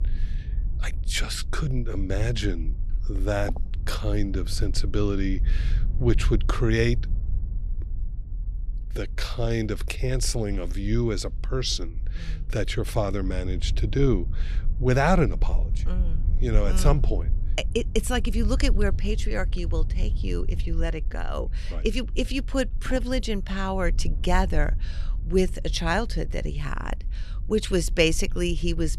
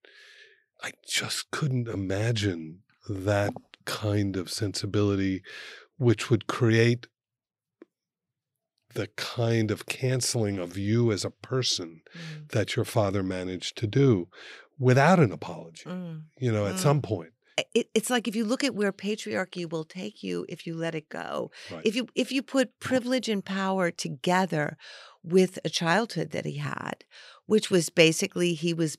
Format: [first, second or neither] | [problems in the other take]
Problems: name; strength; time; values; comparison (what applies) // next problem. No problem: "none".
second | low rumble; faint; throughout; 20 dB below the speech